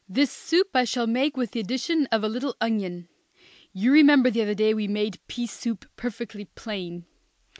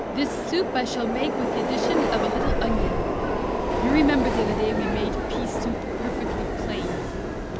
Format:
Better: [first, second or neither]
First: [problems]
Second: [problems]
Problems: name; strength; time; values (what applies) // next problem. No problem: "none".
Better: first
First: none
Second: background sound (Subway, metro, underground); 3 dB above the speech